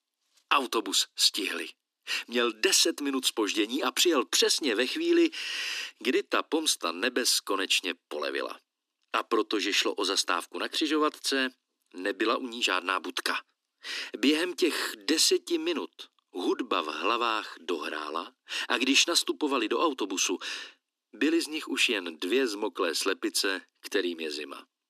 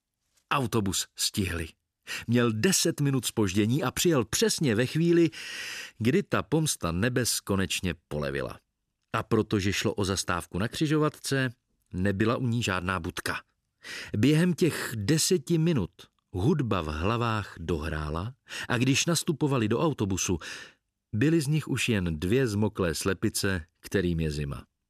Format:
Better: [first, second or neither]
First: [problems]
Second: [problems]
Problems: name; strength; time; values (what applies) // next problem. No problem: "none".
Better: second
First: thin; somewhat; fading below 250 Hz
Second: none